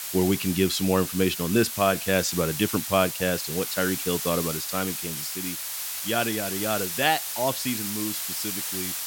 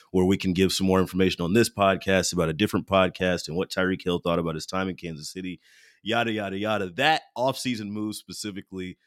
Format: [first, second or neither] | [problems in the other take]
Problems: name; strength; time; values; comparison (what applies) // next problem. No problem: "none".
second | hiss; loud; throughout; 3 dB below the speech